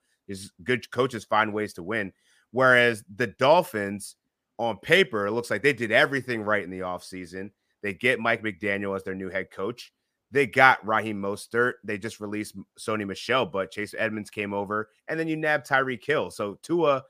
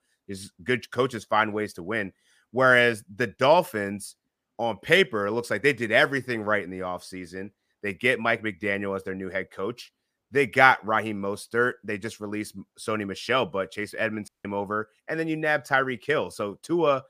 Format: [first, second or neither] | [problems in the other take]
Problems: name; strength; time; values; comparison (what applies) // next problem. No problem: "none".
first | audio cutting out; at 14 s